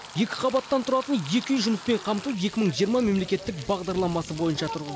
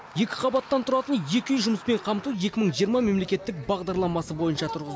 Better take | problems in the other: second | background sound (Frying (food)); 19 dB below the speech

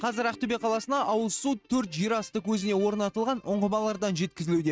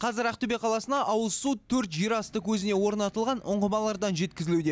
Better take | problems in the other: second | noise reduction (neural mask model RNNoise)

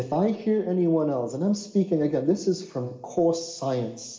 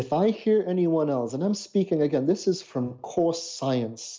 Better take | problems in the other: second | room echo; dies away in 1.2 s

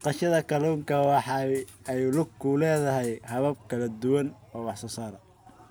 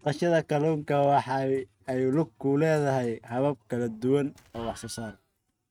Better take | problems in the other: first | noise reduction (neural mask model RNNoise)

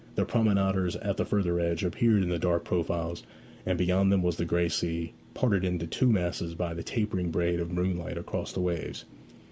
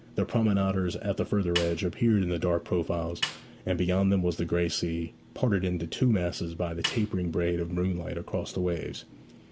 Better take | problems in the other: first | background sound (Snare drum); 11 dB below the speech

